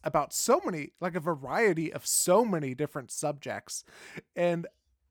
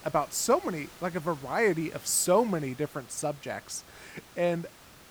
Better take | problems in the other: first | hiss; faint; throughout; 20 dB below the speech

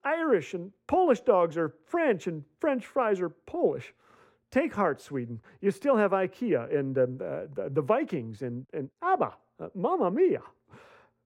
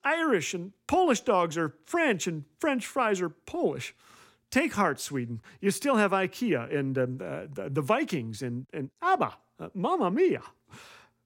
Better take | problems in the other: second | muffled; very; fading above 3 kHz

